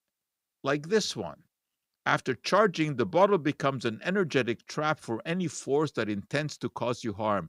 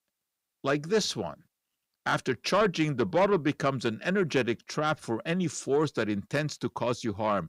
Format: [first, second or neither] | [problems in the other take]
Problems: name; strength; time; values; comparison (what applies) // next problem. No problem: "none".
first | distortion; slight; 10 dB below the speech